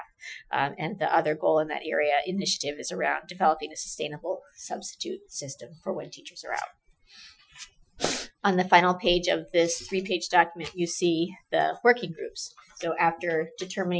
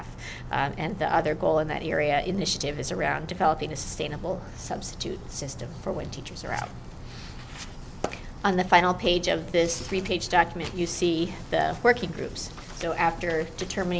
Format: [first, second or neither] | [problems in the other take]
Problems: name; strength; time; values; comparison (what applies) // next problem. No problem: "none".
second | noise reduction (classical method Wiener filter)